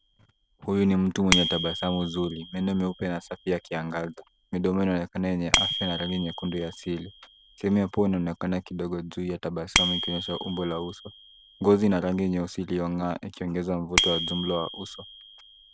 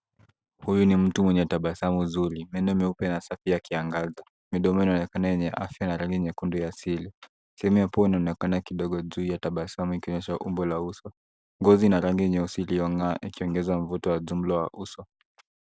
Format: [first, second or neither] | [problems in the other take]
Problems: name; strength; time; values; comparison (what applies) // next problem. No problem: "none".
second | background sound (Bicycle bell); 6 dB below the speech